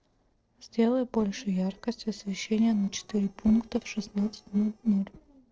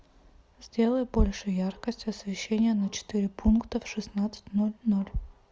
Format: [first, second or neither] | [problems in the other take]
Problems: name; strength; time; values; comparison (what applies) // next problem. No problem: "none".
second | noise reduction (neural separator model SepFormer DNS4)